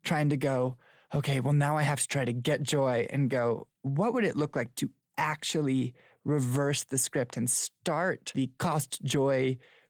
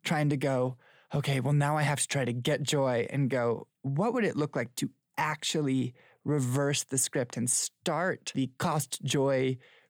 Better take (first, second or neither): second